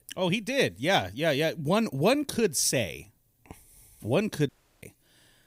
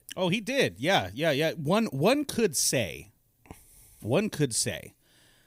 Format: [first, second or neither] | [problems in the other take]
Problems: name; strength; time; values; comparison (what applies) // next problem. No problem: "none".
second | audio cutting out; at 4.5 s